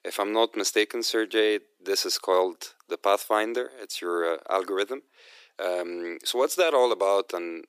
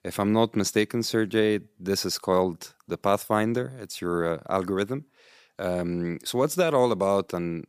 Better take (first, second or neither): second